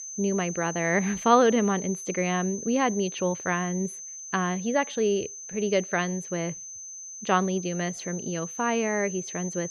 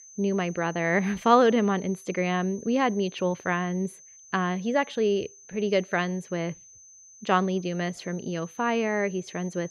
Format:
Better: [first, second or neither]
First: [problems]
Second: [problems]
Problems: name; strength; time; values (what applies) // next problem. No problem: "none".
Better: second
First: high-pitched whine; loud; throughout; 6 kHz, 9 dB below the speech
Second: high-pitched whine; faint; throughout; 6 kHz, 20 dB below the speech